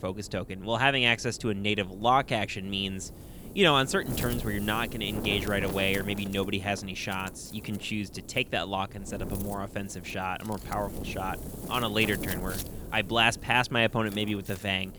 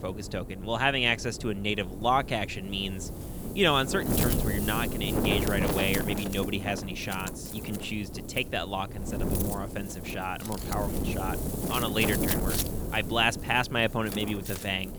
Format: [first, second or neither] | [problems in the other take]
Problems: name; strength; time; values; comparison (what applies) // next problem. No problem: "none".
first | wind noise on the microphone; heavy; 8 dB below the speech; occasional gusts in the first